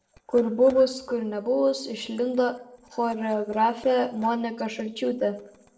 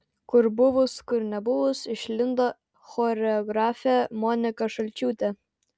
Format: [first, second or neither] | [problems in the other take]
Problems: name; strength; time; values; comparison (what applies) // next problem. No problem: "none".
second | noise reduction (neural separator model SepFormer DNS4)